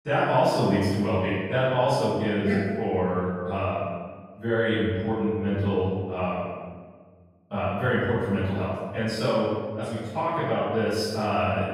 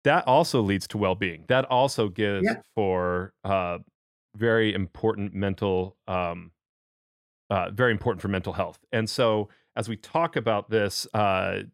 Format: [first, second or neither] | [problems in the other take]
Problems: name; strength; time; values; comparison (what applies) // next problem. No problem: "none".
second | off-mic speech; far // room echo; strong; dies away in 1.4 s